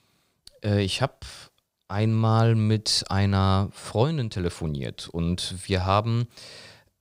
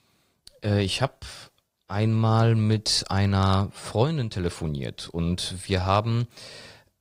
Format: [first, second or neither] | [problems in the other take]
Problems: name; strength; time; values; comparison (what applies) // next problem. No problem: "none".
first | garbled, watery; slightly; nothing above 15.5 kHz